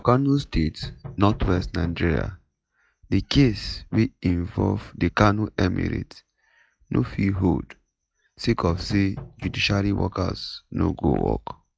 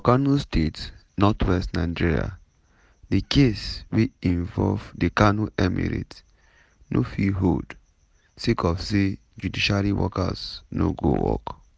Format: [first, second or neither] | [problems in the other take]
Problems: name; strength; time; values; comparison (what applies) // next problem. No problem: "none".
second | noise reduction (classical method log-MMSE)